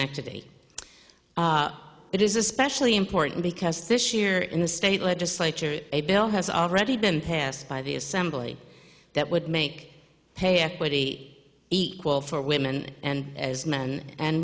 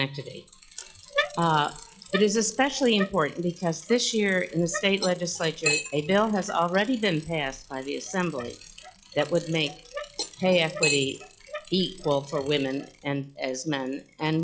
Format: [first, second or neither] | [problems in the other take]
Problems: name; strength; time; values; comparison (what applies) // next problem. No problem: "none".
first | noise reduction (classical method log-MMSE)